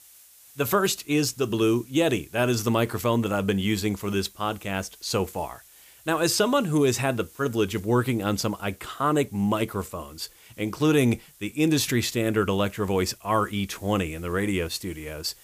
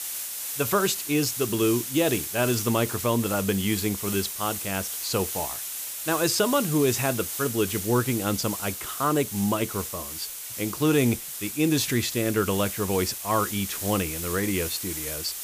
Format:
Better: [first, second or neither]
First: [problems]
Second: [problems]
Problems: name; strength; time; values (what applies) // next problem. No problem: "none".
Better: first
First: hiss; faint; throughout; 25 dB below the speech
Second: hiss; loud; throughout; 5 dB below the speech